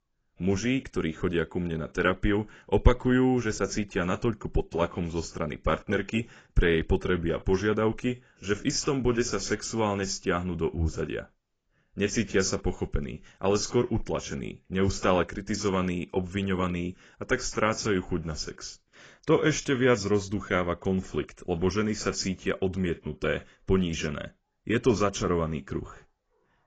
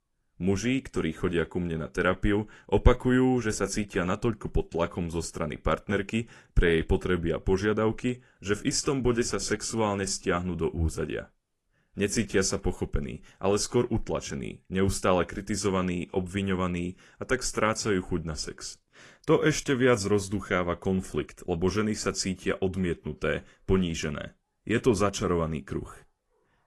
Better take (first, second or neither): second